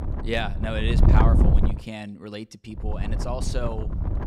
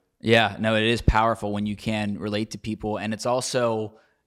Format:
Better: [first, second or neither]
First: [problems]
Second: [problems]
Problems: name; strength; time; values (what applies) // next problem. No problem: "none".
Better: second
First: wind noise on the microphone; heavy; until 1.5 s and from 3 s on; 3 dB below the speech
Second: none